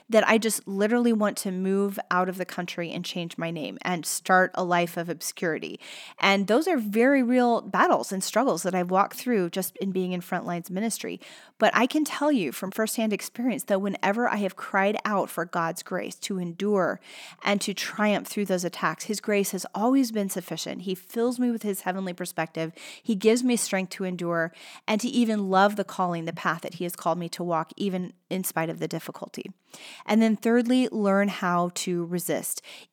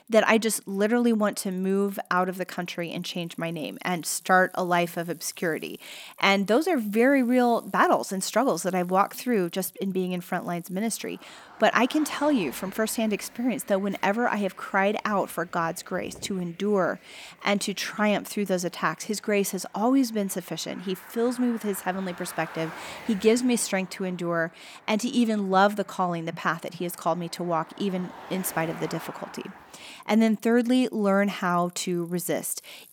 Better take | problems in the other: first | traffic noise; faint; throughout; 20 dB below the speech

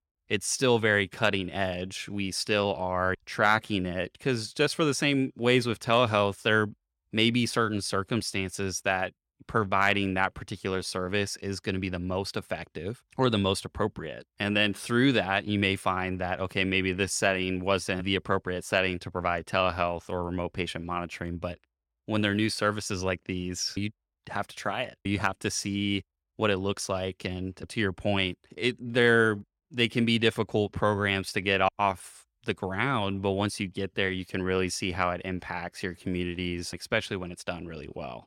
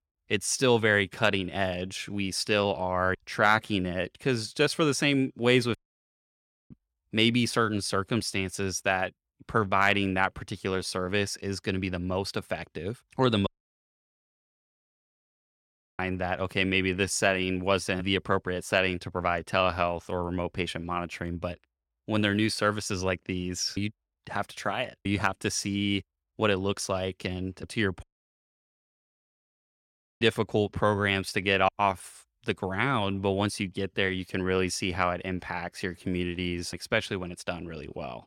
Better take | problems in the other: first | audio cutting out; at 6 s for 1 s, at 13 s for 2.5 s and at 28 s for 2 s

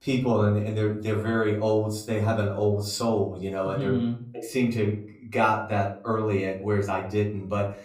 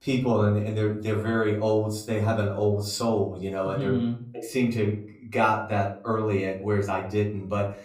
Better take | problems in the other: neither | room echo; slight; dies away in 0.4 s; the same in both // off-mic speech; far; the same in both

